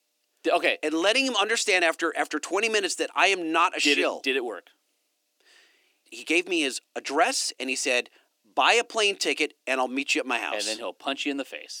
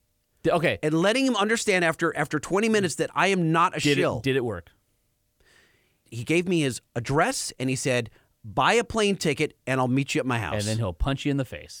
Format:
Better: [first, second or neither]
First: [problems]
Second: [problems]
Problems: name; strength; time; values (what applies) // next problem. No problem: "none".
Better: second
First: thin; somewhat; fading below 300 Hz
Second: none